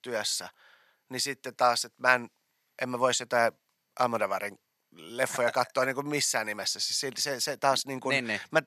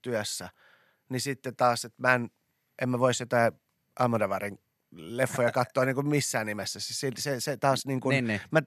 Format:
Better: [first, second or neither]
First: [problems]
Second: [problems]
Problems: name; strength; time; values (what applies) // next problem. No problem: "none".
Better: second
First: thin; somewhat; fading below 1 kHz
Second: none